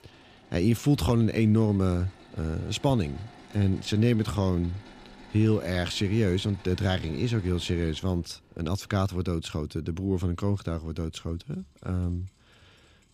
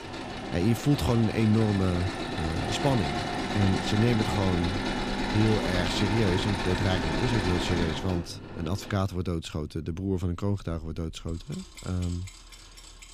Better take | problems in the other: first | machinery noise; loud; throughout; 3 dB below the speech; faint in the first

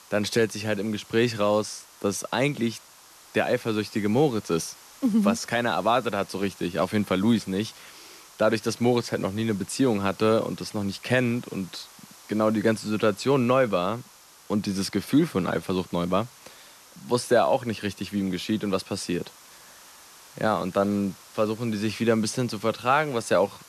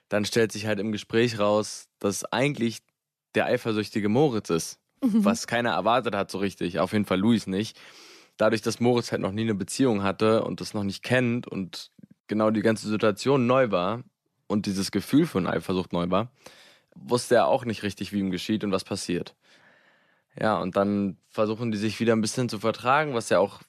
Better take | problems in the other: second | hiss; faint; throughout; 20 dB below the speech

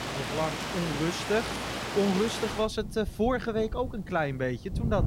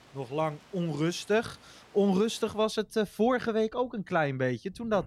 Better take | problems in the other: second | rain or running water; loud; throughout; 5 dB below the speech; faint in the second

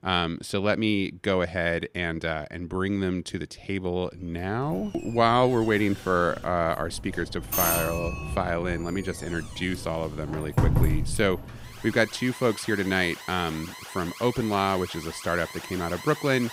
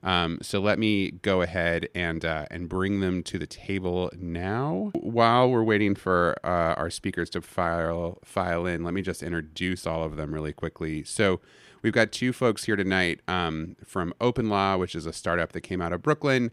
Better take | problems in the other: second | alarms or sirens; loud; from 4.5 s on; 6 dB below the speech

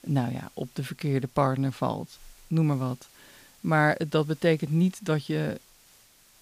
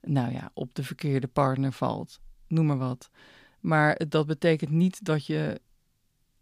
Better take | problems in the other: second | hiss; faint; throughout; 25 dB below the speech

